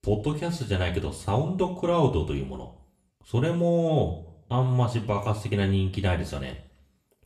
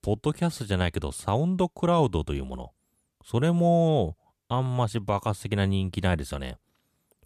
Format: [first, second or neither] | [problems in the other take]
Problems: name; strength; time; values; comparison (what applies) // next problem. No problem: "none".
second | room echo; slight; dies away in 0.5 s // off-mic speech; somewhat distant